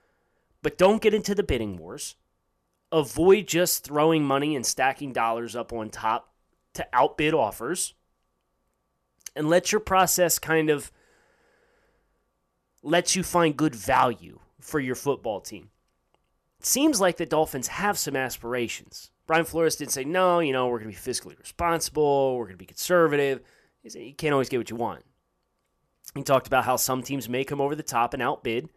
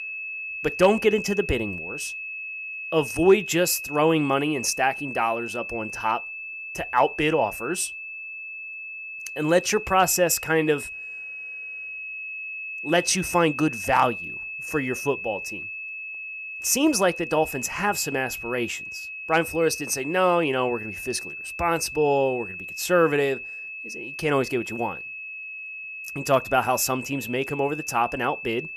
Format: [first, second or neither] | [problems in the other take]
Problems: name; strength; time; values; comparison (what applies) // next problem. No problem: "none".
first | high-pitched whine; loud; throughout; 2.5 kHz, 9 dB below the speech